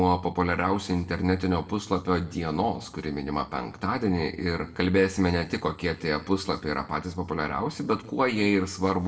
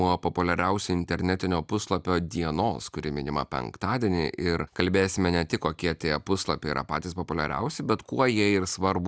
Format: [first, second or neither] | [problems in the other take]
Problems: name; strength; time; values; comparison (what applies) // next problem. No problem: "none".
second | room echo; dies away in 0.7 s